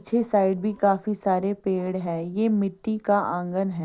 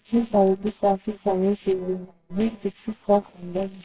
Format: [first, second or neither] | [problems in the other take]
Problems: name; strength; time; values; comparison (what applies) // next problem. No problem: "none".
first | noise reduction (neural separator model SepFormer WHAMR!)